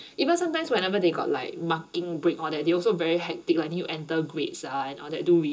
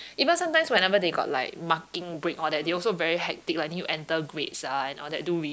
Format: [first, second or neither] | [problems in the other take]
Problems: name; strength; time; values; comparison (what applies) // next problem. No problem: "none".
second | room echo; dies away in 0.2 s